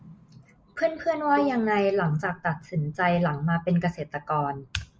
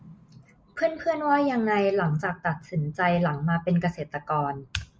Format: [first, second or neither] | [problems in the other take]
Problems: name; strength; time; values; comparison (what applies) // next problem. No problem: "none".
second | background sound (Bowed string instrument); 17 dB below the speech